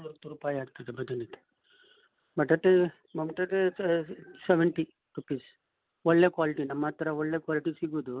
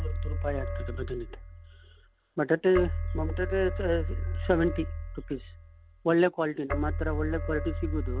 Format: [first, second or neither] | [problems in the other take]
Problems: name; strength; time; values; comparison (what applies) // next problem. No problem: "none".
first | background sound (Keyboard (musical)); 2 dB below the speech